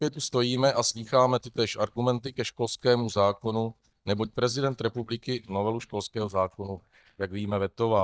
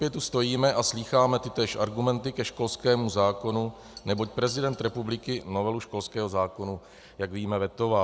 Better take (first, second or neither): second